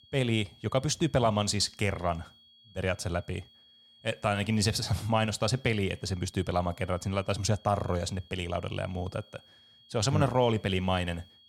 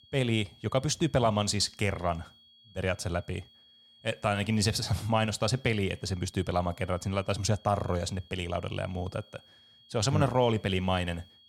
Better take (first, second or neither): neither